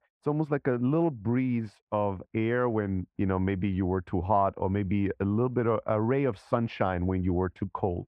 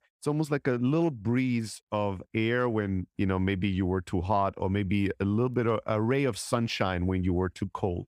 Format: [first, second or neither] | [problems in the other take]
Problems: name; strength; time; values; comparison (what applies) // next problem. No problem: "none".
second | muffled; very; fading above 4 kHz